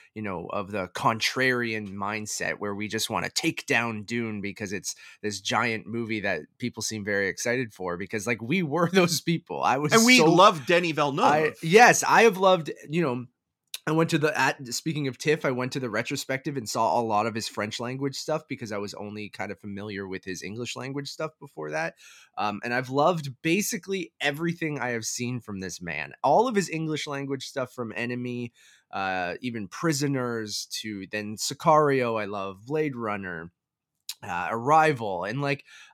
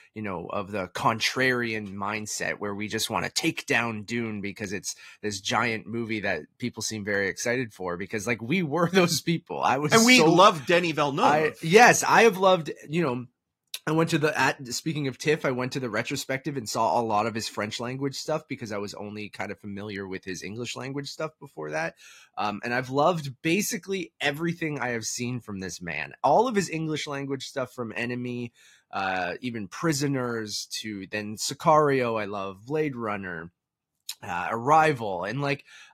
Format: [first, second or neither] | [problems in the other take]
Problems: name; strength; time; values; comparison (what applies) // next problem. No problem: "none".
first | garbled, watery; slightly; nothing above 14.5 kHz